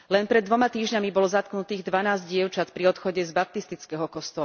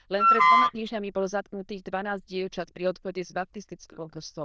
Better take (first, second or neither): first